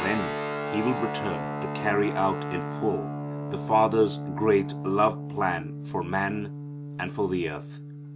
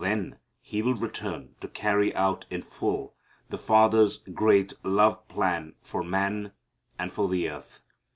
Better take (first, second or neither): second